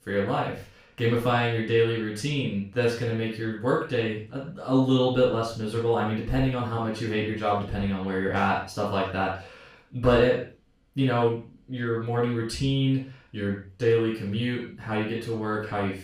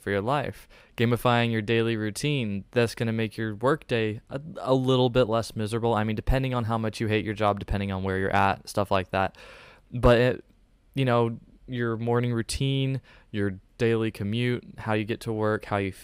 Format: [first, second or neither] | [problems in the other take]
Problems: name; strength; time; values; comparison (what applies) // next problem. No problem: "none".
second | room echo; noticeable; dies away in 0.4 s // off-mic speech; far